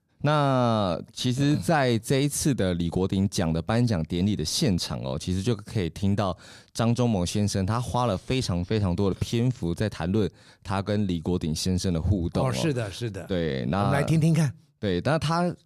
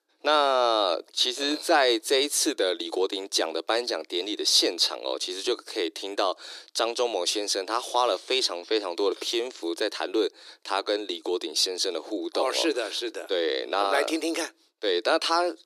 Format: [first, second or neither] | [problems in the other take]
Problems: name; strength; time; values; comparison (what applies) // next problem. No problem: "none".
first | thin; very; fading below 300 Hz